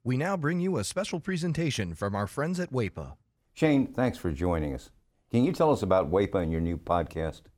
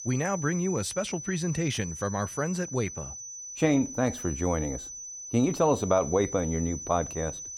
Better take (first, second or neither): first